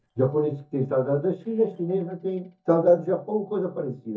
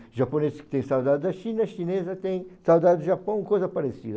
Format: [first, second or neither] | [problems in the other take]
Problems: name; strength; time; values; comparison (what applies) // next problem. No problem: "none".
second | noise reduction (neural mask model DeepFilterNet 3)